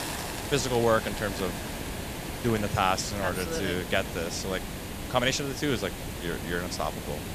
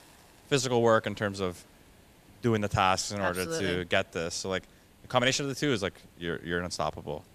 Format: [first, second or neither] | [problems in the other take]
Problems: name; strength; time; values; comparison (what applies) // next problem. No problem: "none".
second | hiss; loud; throughout; 6 dB below the speech; faint in the second